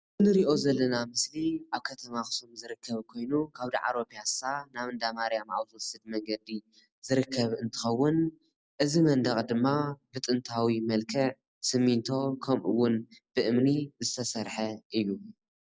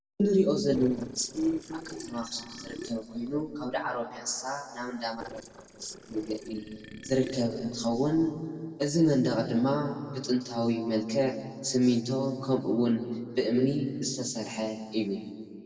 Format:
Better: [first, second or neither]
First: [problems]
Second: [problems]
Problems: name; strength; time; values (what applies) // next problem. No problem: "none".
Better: first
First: none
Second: noise reduction (neural separator model SepFormer DNS4)